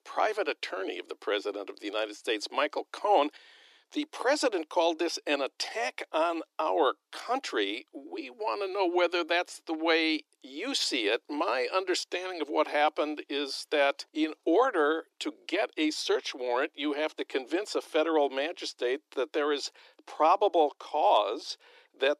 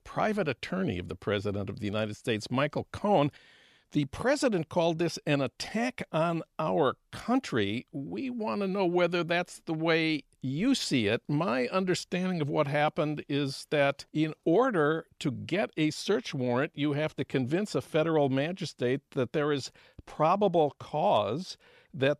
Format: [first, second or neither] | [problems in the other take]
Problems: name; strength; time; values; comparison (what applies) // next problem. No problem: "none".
second | thin; somewhat; fading below 300 Hz